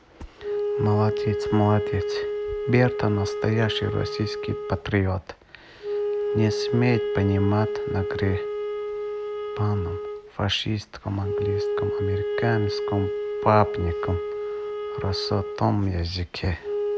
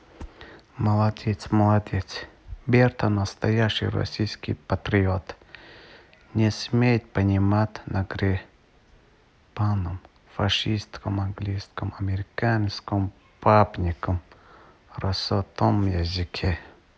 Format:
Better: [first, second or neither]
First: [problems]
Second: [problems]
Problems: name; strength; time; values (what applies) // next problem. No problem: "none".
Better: second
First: background sound (Wind instrument, woodwind instrument); 3 dB below the speech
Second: none